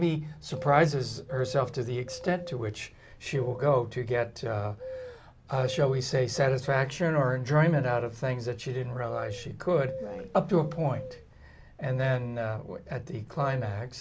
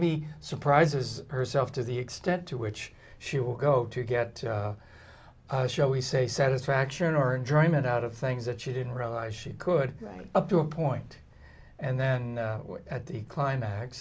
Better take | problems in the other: second | background sound (Bird vocalization, bird call, bird song); 15 dB below the speech

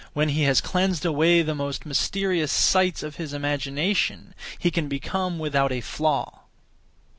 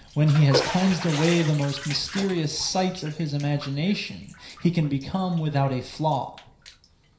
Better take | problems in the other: first | background sound (Bathtub (filling or washing)); 11 dB below the speech // room echo; dies away in 0.5 s

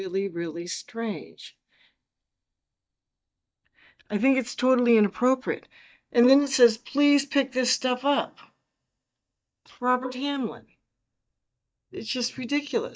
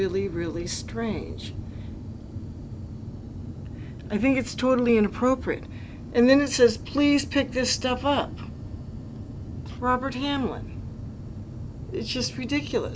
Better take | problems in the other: second | noise reduction (neural mask model DeepFilterNet 3)

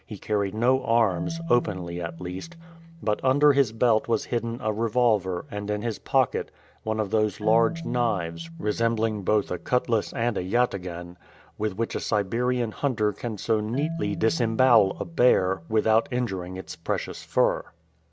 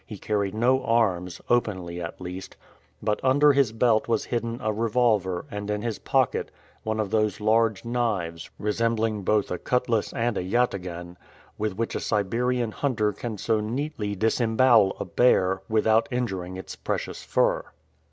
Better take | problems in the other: second | background sound (Marimba, xylophone); 15 dB below the speech

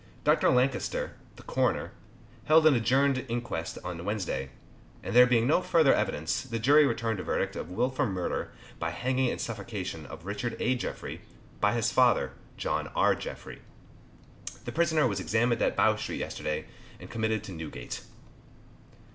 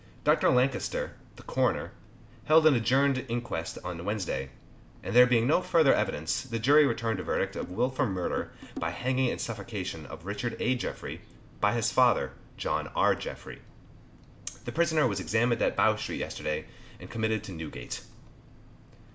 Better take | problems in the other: first | background sound (Drum); 14 dB below the speech

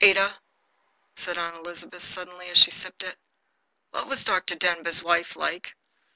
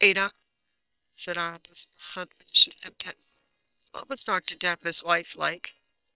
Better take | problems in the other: first | noise reduction (neural separator model SepFormer WHAM!)

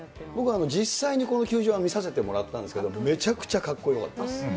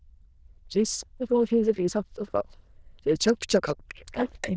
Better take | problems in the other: first | noise reduction (neural diffusion model UNIVERSE++)

